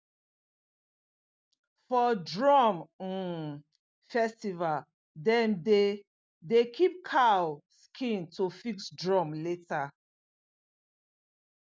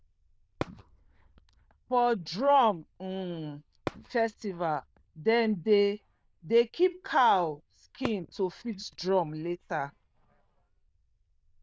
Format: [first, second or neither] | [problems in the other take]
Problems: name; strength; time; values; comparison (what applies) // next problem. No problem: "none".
first | noise reduction (neural diffusion model UNIVERSE++)